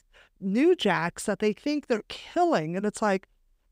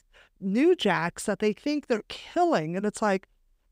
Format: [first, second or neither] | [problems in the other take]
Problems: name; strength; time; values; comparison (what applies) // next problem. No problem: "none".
neither | none